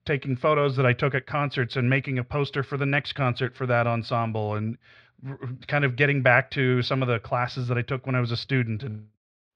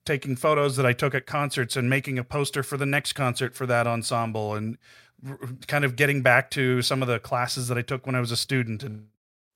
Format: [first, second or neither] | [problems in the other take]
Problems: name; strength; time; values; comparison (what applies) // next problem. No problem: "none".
second | muffled; very slightly; fading above 4 kHz